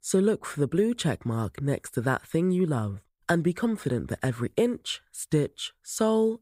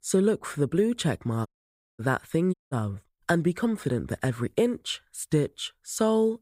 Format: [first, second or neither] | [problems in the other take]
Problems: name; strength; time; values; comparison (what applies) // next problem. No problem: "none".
first | audio cutting out; at 1.5 s for 0.5 s and at 2.5 s